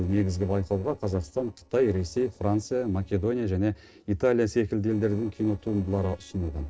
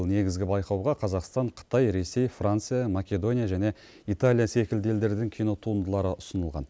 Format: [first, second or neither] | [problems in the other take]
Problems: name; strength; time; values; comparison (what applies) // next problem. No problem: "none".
second | noise reduction (neural separator model SepFormer DNS4)